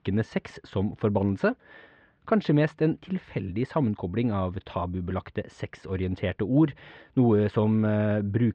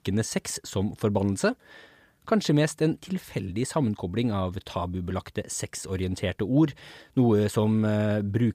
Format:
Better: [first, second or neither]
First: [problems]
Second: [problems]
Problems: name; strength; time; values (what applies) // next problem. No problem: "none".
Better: second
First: muffled; very; fading above 3 kHz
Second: none